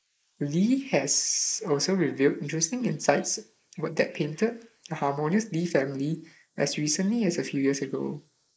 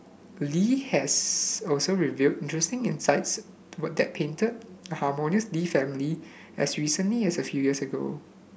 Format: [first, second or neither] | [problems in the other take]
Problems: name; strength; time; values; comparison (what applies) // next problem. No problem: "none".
second | noise reduction (neural mask model Resemble Enhance denoiser)